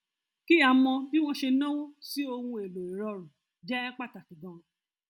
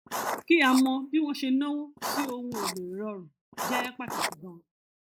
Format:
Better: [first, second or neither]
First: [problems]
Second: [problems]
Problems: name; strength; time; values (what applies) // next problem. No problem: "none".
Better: first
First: none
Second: noise reduction (neural mask model Resemble Enhance denoiser)